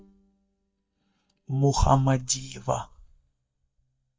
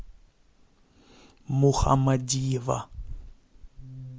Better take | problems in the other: second | noise reduction (neural mask model DeepFilterNet 3)

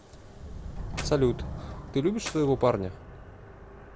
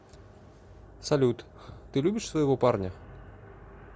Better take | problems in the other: second | background sound (Subway, metro, underground + Clapping); 9 dB below the speech

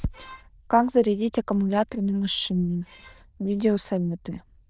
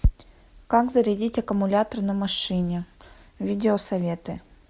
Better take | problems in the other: second | noise reduction (neural diffusion model UNIVERSE++)

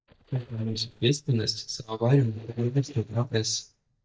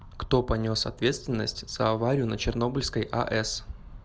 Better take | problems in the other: second | noise reduction (neural mask model DeepFilterNet 3)

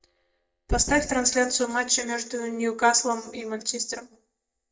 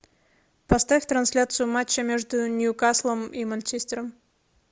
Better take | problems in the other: second | noise reduction (neural mask model DeepFilterNet 3)

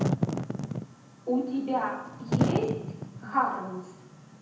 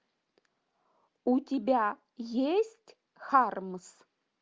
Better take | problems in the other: second | background sound (Wind / Fire); as loud as the speech // room echo; dies away in 0.9 s

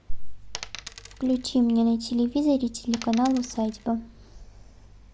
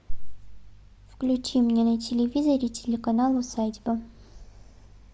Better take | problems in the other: second | background sound (Coin (dropping)); 16 dB below the speech

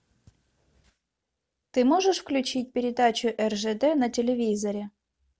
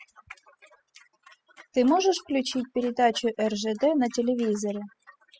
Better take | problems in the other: first | noise reduction (classical method spectral subtraction)

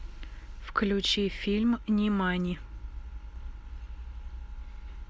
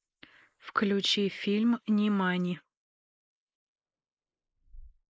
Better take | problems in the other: first | noise reduction (neural mask model Resemble Enhance denoiser)

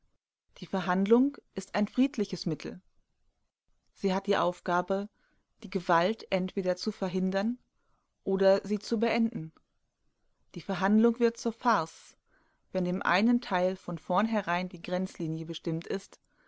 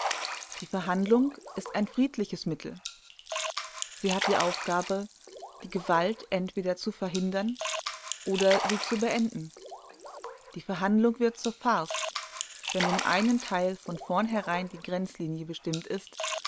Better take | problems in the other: first | background sound (Splash, splatter); 7 dB below the speech

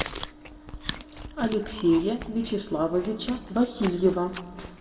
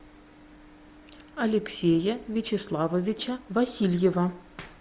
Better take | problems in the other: second | background sound (Chewing, mastication); 12 dB below the speech // room echo; dies away in 1.2 s

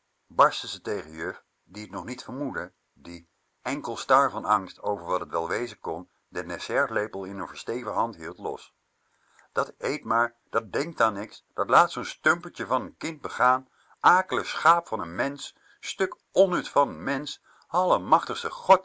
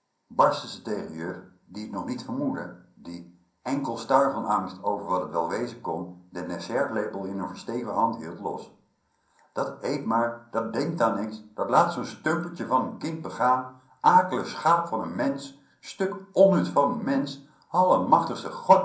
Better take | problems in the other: first | room echo; dies away in 0.6 s

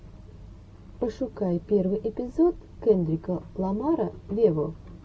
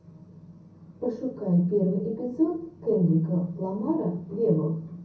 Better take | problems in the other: first | room echo; dies away in 0.6 s

